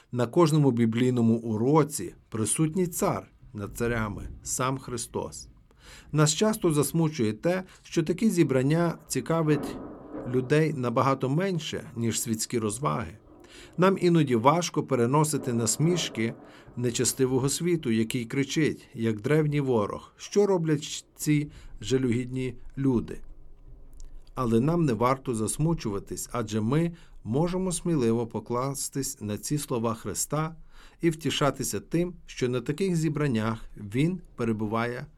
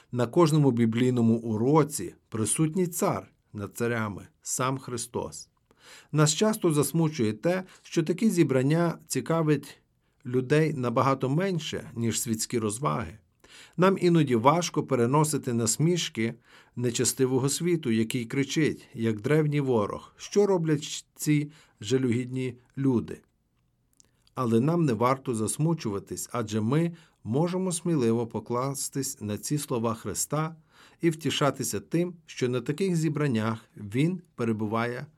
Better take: second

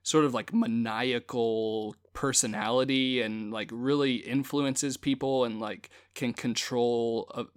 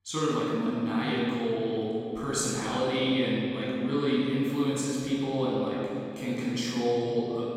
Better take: first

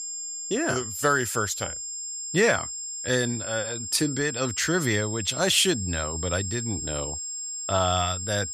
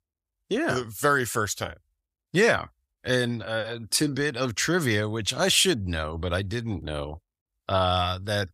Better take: second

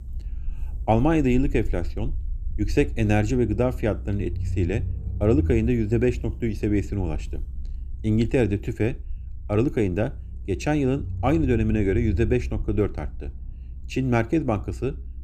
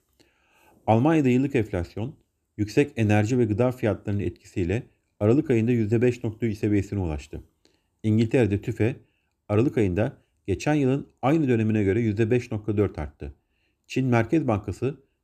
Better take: second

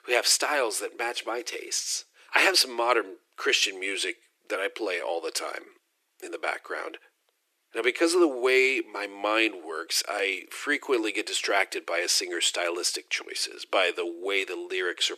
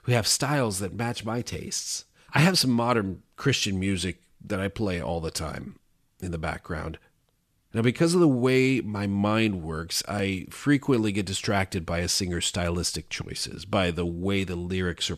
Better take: second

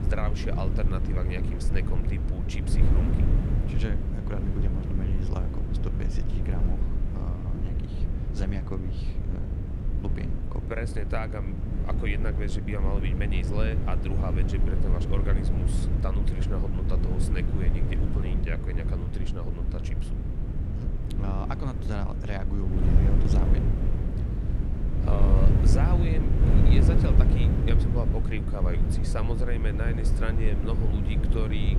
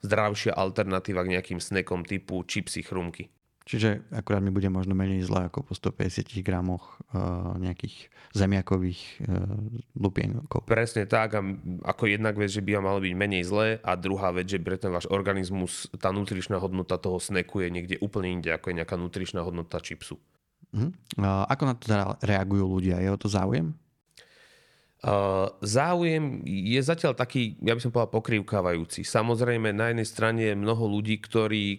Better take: second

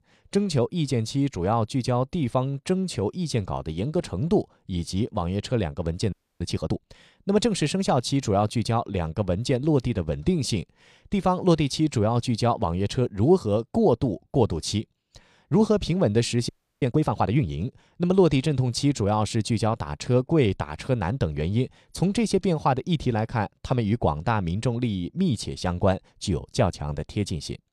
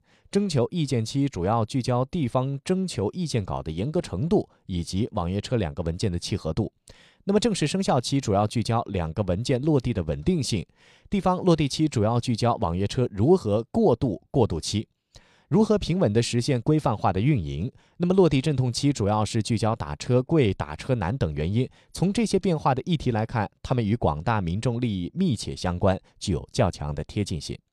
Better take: second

